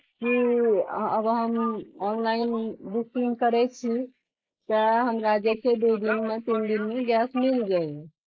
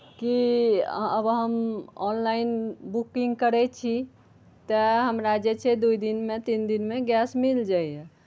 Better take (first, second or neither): second